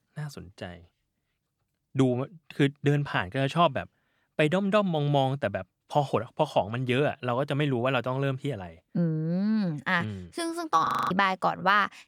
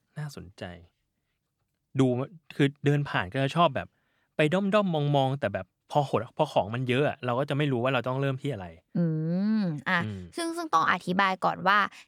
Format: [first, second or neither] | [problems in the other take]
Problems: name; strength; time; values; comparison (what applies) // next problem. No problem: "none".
second | audio freezing; at 11 s